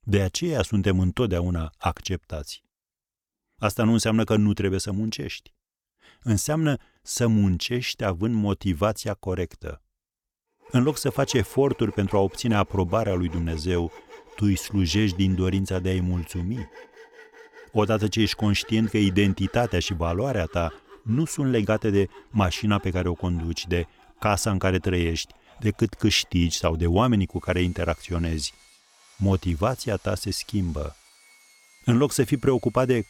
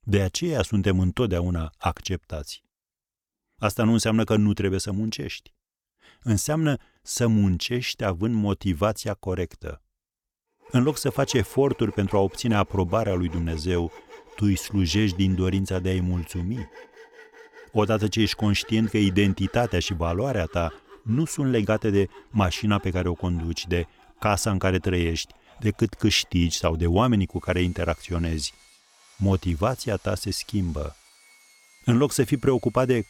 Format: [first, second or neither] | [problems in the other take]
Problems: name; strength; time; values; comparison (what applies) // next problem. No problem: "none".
neither | machinery noise; faint; from 11 s on; 25 dB below the speech; the same in both